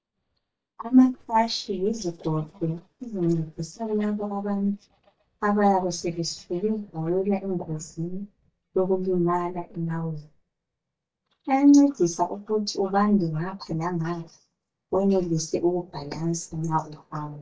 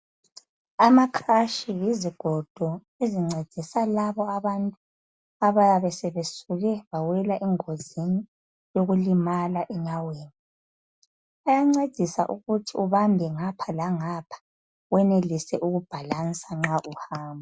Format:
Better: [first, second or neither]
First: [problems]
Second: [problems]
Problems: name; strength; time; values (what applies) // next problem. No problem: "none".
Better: second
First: noise reduction (neural mask model DeepFilterNet 3)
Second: none